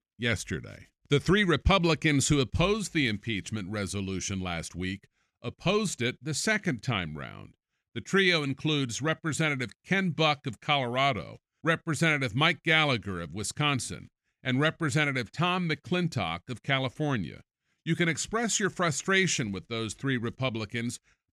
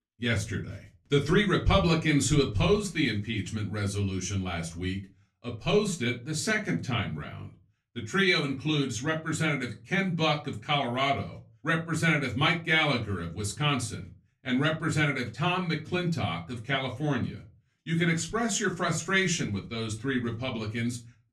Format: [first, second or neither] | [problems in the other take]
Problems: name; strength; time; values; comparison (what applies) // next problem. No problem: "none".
first | off-mic speech; far // room echo; very slight; dies away in 0.2 s